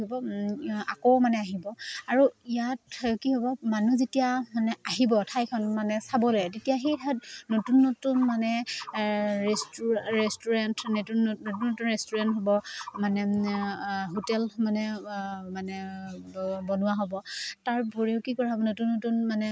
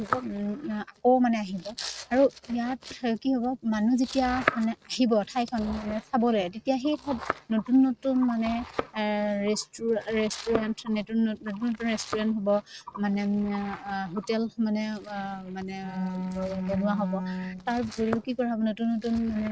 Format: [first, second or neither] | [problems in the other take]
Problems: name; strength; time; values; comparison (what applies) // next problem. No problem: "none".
first | noise reduction (neural mask model RNNoise)